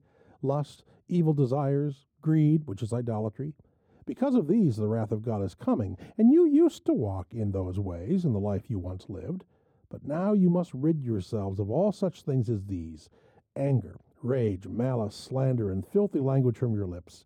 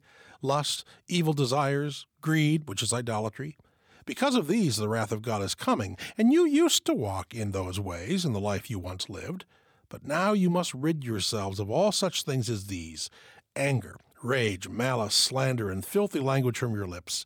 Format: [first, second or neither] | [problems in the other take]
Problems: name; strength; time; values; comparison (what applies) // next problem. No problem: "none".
second | muffled; very; fading above 1 kHz